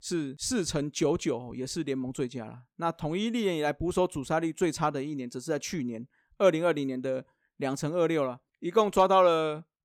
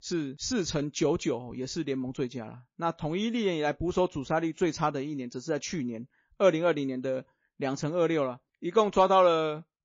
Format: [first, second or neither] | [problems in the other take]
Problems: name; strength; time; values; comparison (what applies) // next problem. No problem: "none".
first | garbled, watery; slightly; nothing above 6.5 kHz